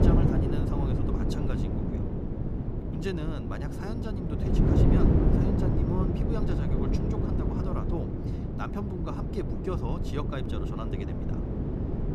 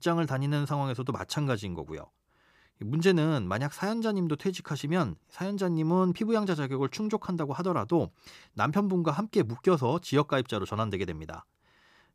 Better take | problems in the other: second | wind noise on the microphone; heavy; 4 dB above the speech

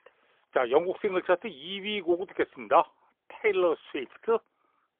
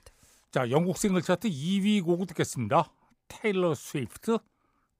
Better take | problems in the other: second | phone-call audio; poor line; nothing above 3.5 kHz

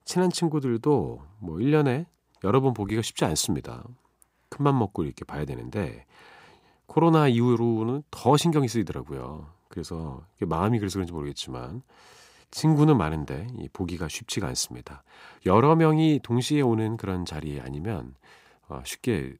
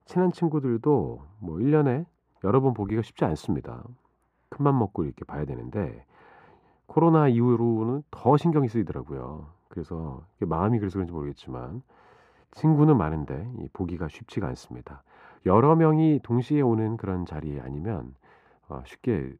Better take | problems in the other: first | muffled; very; fading above 3 kHz

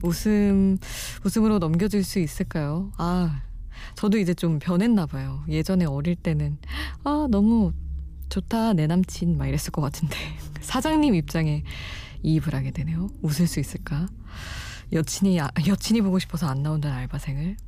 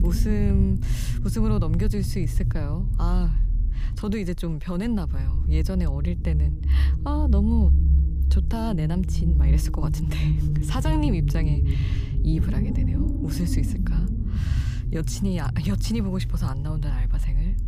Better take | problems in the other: first | low rumble; loud; throughout; 5 dB below the speech; faint in the first

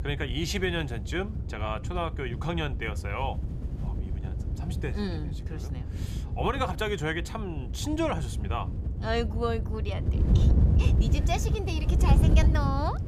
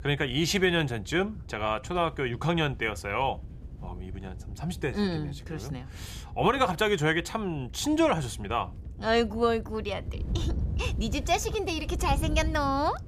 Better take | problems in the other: second | wind noise on the microphone; heavy; 10 dB below the speech; occasional gusts in the second

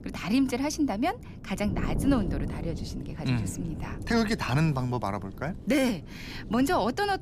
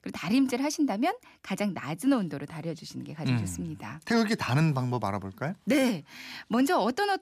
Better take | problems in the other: second | wind noise on the microphone; occasional gusts; 15 dB below the speech

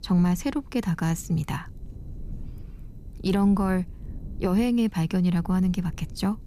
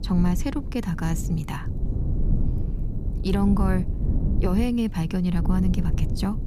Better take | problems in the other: first | low rumble; loud; throughout; 9 dB below the speech; faint in the first

